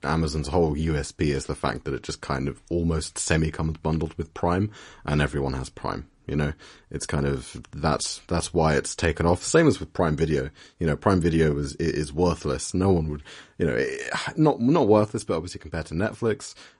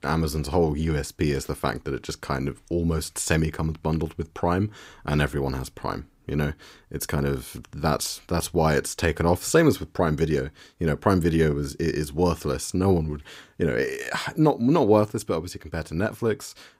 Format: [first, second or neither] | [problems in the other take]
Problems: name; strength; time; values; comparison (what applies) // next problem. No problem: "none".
second | garbled, watery; slightly; nothing above 10.5 kHz